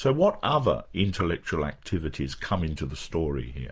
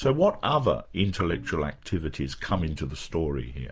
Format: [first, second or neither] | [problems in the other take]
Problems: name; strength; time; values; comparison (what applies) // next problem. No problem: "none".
first | background sound (Bowed string instrument); 18 dB below the speech